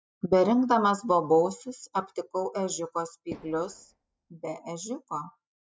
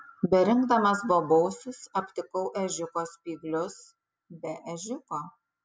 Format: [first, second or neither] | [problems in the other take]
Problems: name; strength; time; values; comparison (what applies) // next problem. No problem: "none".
second | noise reduction (neural mask model DeepFilterNet 3)